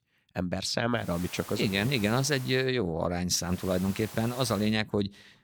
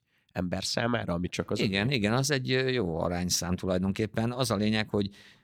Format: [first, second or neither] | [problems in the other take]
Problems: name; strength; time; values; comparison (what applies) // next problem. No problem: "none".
second | hiss; noticeable; from 1 to 2.5 s and from 3.5 to 4.5 s; 15 dB below the speech